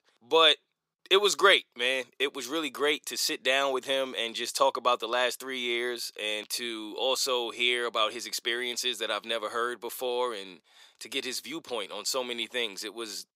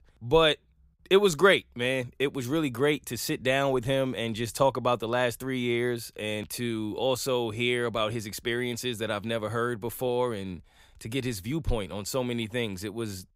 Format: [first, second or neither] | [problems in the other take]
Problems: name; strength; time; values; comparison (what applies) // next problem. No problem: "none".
second | thin; somewhat; fading below 350 Hz